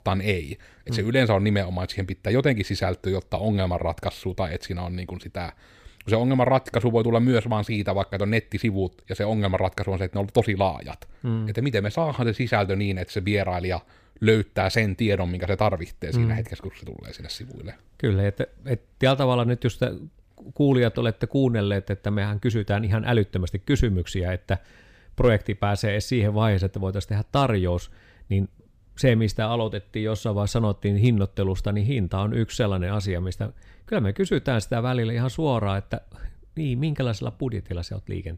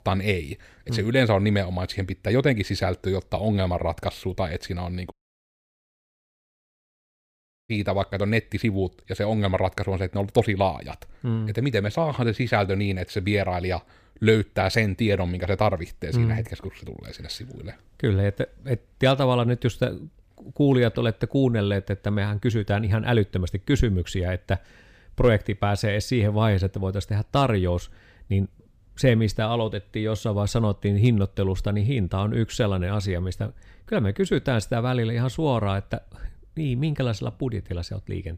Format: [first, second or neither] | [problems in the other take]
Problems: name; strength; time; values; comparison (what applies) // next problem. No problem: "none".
first | audio cutting out; at 5 s for 2.5 s